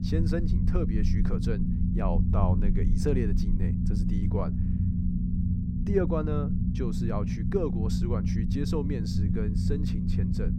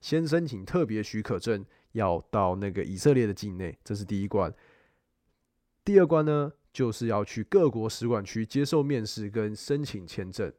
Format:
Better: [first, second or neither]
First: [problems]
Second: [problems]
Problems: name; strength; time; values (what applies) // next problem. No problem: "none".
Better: second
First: low rumble; loud; throughout; 3 dB below the speech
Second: none